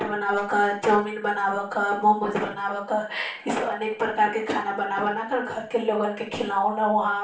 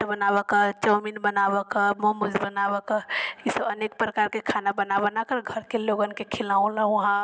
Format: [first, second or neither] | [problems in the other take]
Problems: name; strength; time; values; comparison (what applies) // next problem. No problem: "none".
second | room echo; dies away in 0.4 s